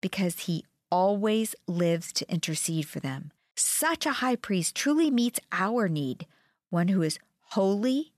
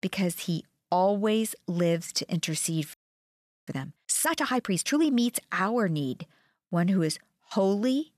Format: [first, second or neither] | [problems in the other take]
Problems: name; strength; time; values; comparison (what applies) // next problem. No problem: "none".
first | audio freezing; at 3 s for 0.5 s